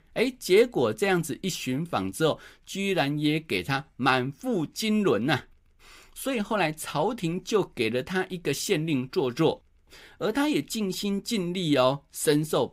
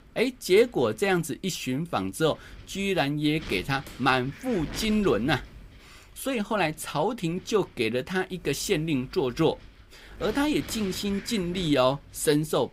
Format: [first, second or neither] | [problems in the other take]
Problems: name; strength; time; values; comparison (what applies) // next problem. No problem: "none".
first | wind noise on the microphone; occasional gusts; 20 dB below the speech